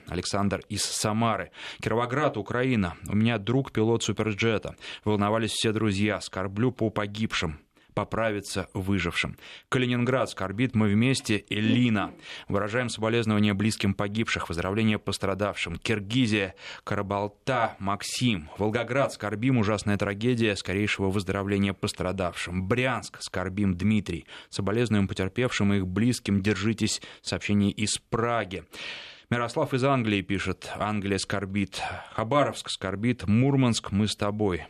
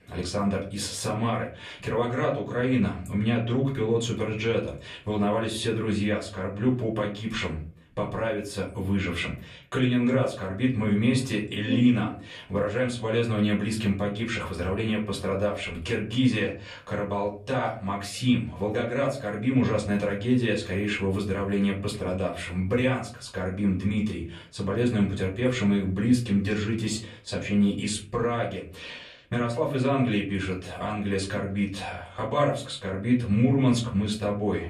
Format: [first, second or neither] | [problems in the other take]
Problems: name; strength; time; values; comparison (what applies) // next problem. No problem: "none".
first | room echo; slight; dies away in 0.4 s // off-mic speech; far